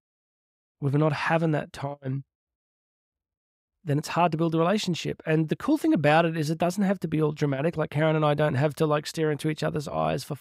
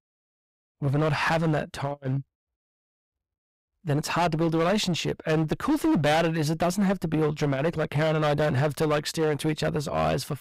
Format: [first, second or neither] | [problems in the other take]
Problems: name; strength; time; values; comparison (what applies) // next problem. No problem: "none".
first | distortion; heavy; 12% of the sound clipped